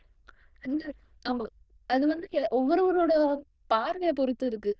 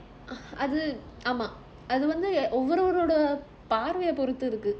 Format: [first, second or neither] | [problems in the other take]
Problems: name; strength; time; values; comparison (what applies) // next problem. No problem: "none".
second | noise reduction (neural diffusion model UNIVERSE++)